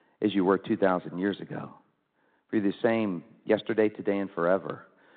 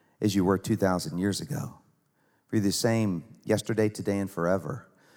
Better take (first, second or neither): second